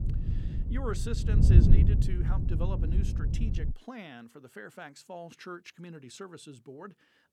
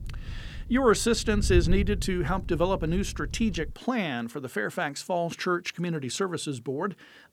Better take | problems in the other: second | wind noise on the microphone; heavy; until 3.5 s; 2 dB above the speech; occasional gusts in the second

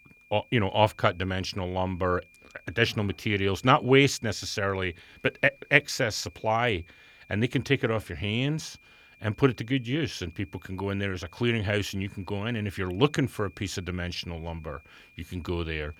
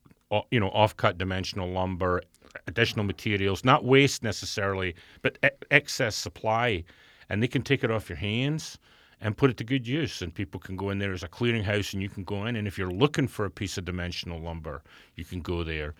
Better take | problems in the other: second | high-pitched whine; faint; throughout; 2.5 kHz, 30 dB below the speech

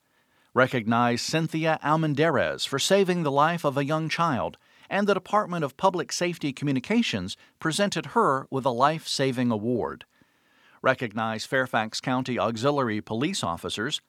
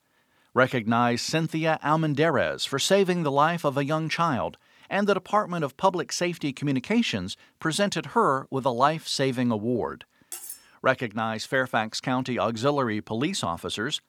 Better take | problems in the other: first | clattering dishes; faint; at 10 s; peak 10 dB below the speech

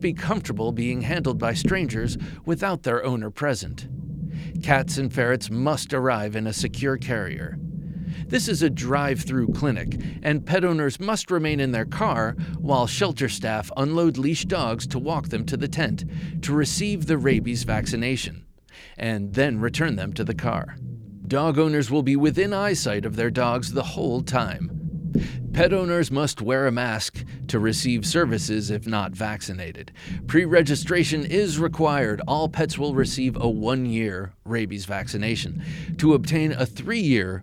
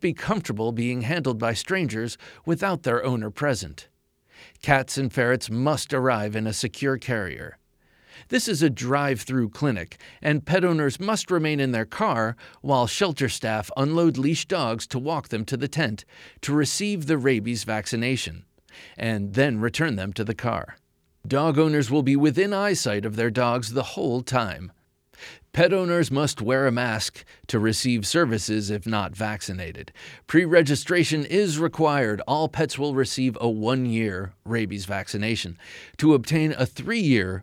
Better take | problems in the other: second | low rumble; noticeable; throughout; 15 dB below the speech

